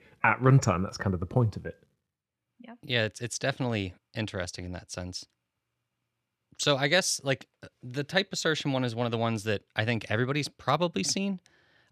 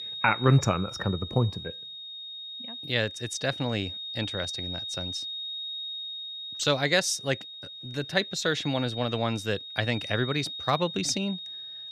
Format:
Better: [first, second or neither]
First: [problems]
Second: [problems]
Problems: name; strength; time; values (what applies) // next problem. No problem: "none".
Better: first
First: none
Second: high-pitched whine; loud; throughout; 3.5 kHz, 7 dB below the speech